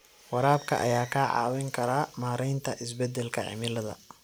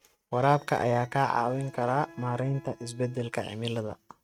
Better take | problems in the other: first | noise reduction (neural mask model RNNoise)

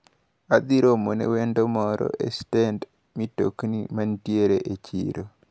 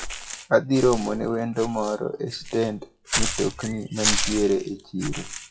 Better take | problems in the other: first | noise reduction (classical method WPE with log-MMSE)

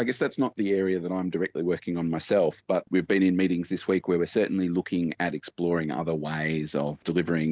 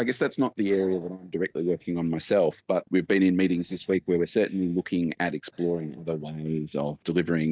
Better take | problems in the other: first | noise reduction (neural mask model DeepFilterNet 3)

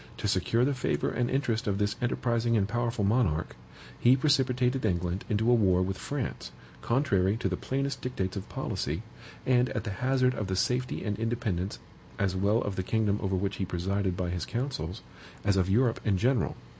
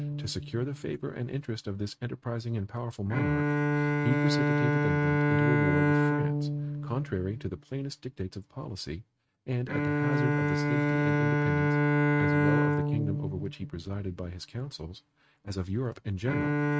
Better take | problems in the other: first | noise reduction (neural mask model RNNoise)

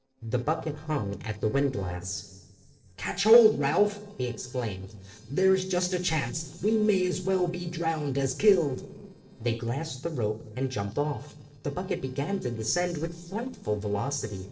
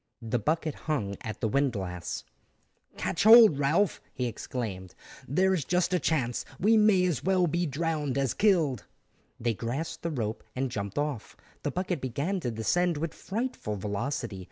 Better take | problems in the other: second | noise reduction (neural separator model SepFormer DNS4)

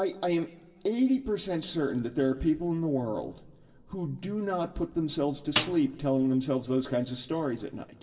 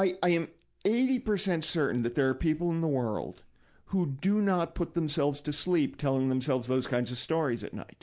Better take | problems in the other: second | background sound (Snare drum); 7 dB below the speech // room echo; dies away in 2 s

